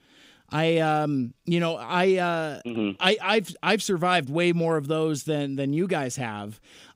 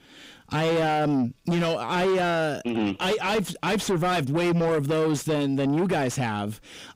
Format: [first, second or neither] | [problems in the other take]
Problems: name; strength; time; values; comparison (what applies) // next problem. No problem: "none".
first | distortion; heavy; 6 dB below the speech